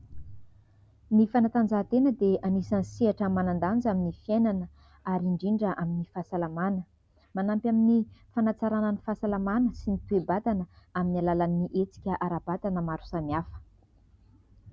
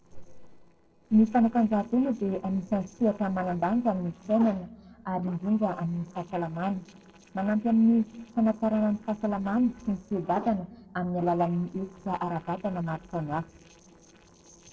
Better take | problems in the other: first | noise reduction (neural separator model SepFormer DNS4)

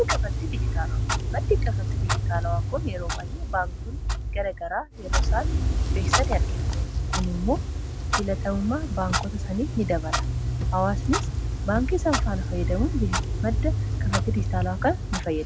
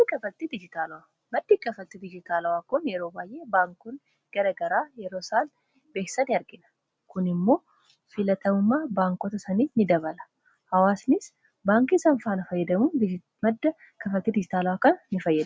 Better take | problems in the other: second | background sound (Clock); 4 dB above the speech

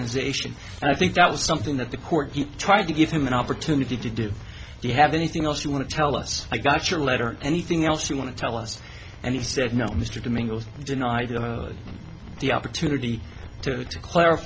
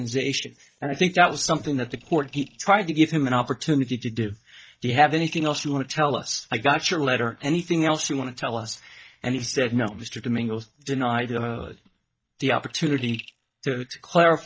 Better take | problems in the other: first | noise reduction (neural mask model DeepFilterNet 3)

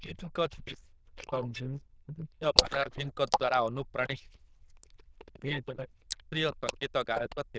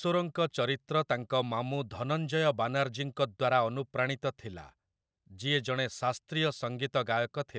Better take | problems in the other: second | noise reduction (neural diffusion model UNIVERSE++)

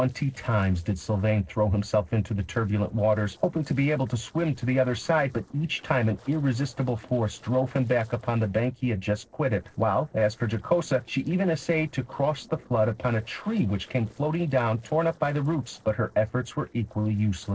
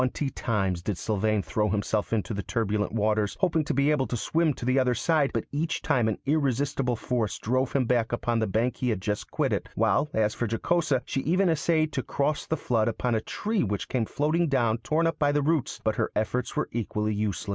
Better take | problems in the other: second | noise reduction (neural separator model SepFormer DNS4)

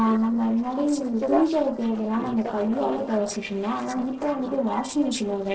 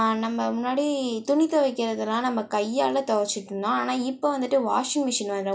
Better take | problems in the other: second | noise reduction (neural separator model SepFormer DNS4)

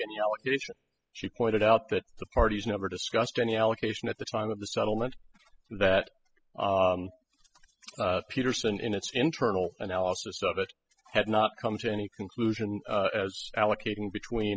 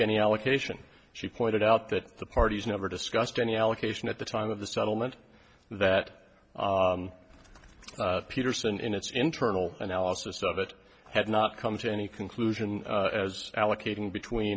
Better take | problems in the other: second | noise reduction (classical method spectral subtraction)

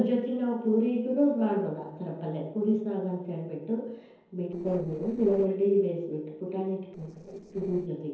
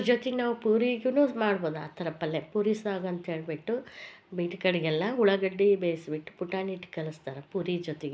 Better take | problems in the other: second | noise reduction (neural separator model SepFormer DNS4)

